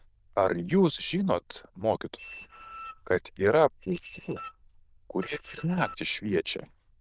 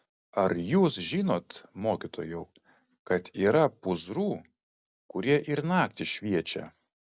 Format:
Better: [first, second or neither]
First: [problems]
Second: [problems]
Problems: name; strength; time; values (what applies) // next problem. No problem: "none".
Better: second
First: noise reduction (neural diffusion model UNIVERSE++)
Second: none